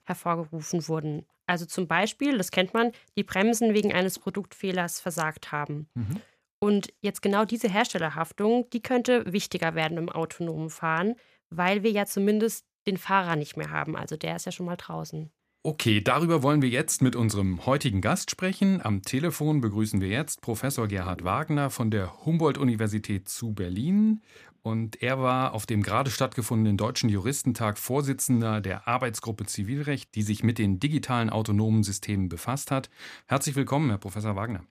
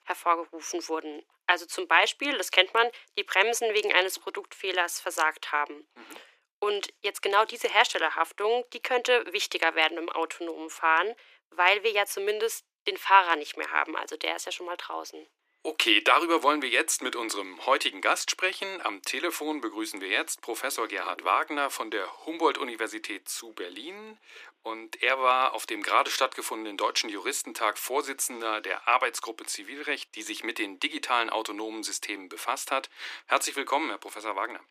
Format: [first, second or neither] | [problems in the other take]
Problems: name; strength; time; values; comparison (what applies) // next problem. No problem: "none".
first | thin; very; fading below 300 Hz